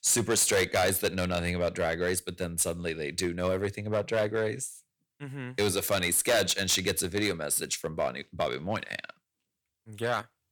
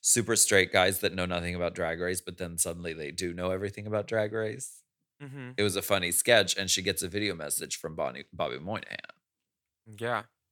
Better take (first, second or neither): second